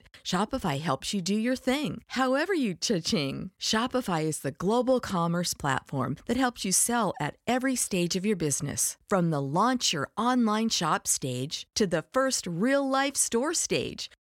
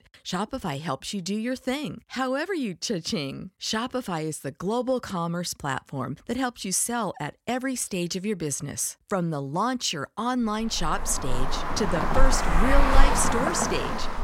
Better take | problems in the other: first | traffic noise; very loud; from 11 s on; 2 dB above the speech

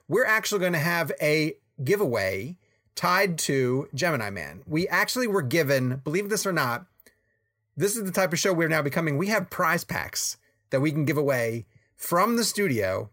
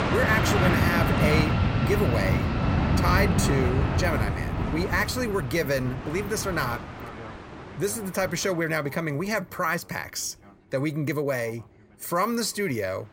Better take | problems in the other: first | train or aircraft noise; very loud; throughout; 2 dB above the speech

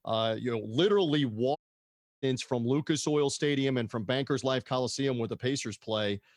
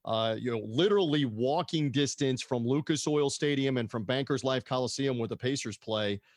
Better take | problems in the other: second | audio cutting out; at 1.5 s for 0.5 s

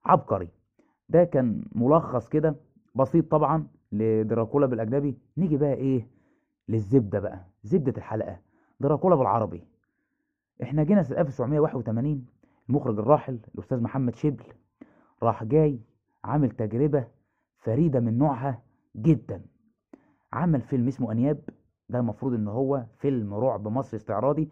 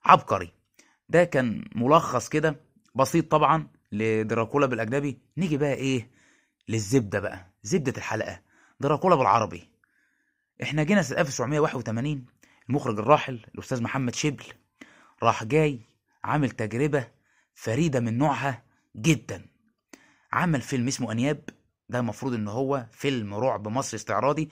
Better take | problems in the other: second | muffled; very; fading above 1.5 kHz

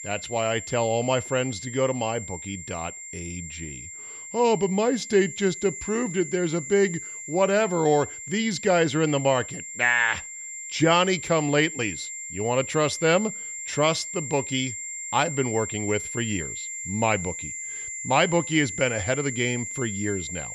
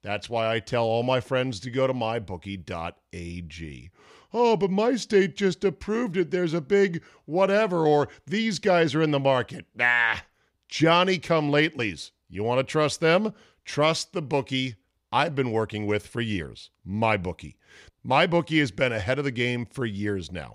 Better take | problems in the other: second | high-pitched whine; loud; throughout; 7.5 kHz, 9 dB below the speech

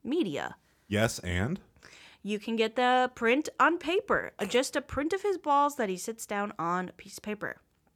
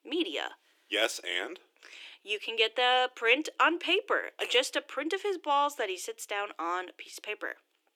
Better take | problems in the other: first | thin; somewhat; fading below 300 Hz

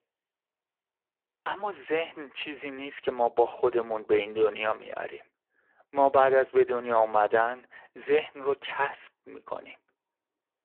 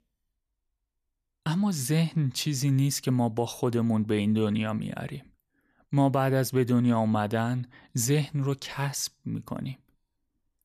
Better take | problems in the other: second | phone-call audio; poor line

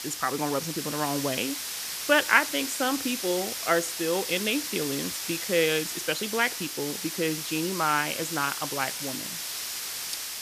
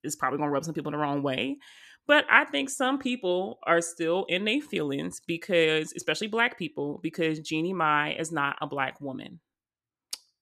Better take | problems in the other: second | hiss; loud; throughout; 4 dB below the speech

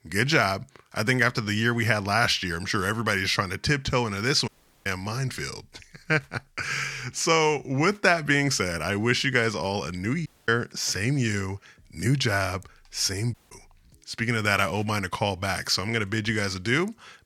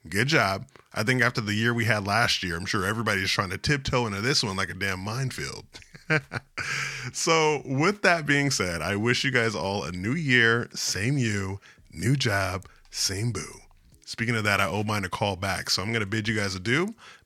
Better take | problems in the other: second | audio cutting out; at 4.5 s, at 10 s and at 13 s

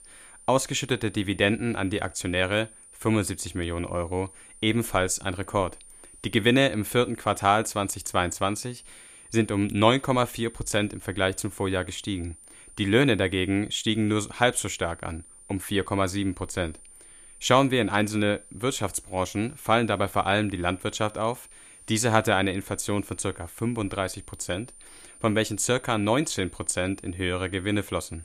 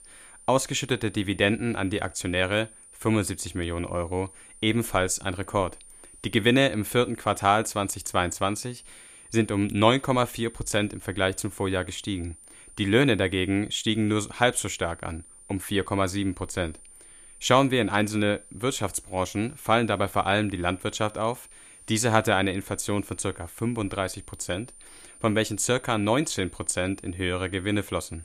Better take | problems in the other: neither | high-pitched whine; faint; throughout; 9 kHz, 20 dB below the speech; the same in both

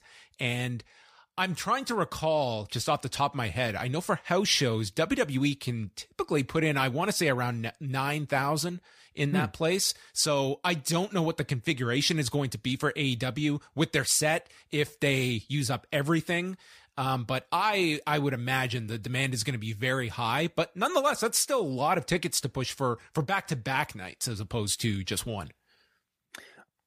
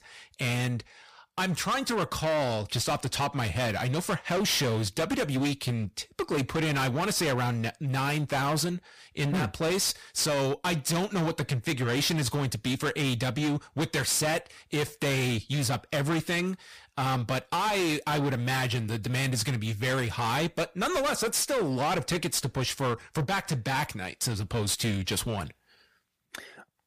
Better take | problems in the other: first | distortion; heavy; 21% of the sound clipped

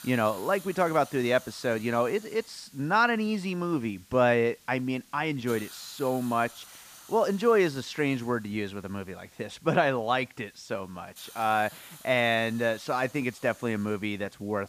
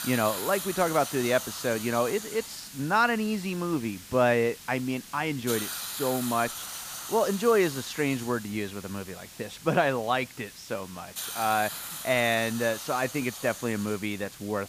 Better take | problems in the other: first | hiss; loud; throughout; 9 dB below the speech; faint in the first

